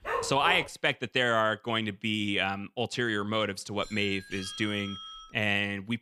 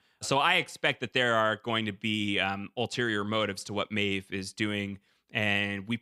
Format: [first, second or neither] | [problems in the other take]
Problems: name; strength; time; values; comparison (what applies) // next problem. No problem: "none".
second | dog barking; noticeable; at the start; peak 4 dB below the speech // doorbell; faint; from 4 to 5.5 s; peak 10 dB below the speech